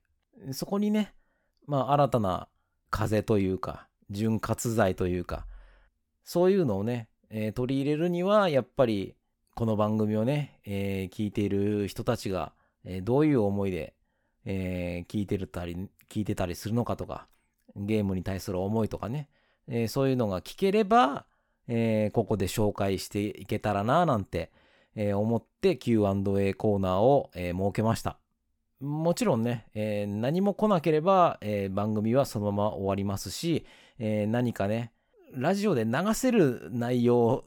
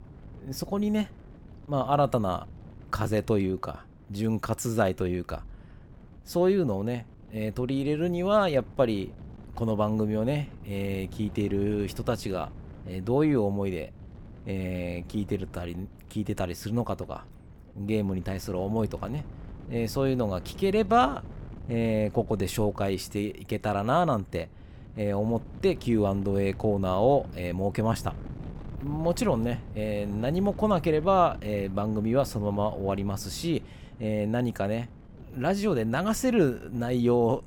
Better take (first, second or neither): first